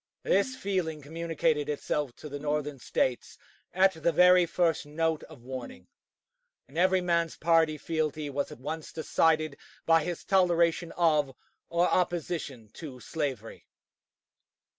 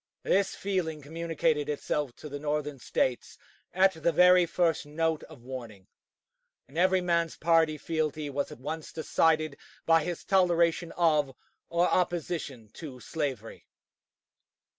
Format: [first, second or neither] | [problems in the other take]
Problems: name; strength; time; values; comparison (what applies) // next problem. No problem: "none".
second | background sound (Ringtone); 18 dB below the speech